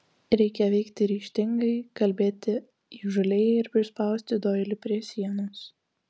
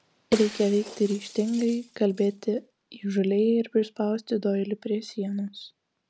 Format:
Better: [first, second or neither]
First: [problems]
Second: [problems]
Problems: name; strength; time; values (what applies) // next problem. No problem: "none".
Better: first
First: none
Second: background sound (Shatter); 15 dB below the speech